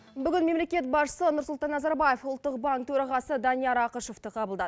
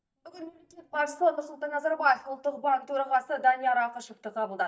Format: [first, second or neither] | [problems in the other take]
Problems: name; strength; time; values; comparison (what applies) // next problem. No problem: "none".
first | noise reduction (neural mask model DeepFilterNet 3)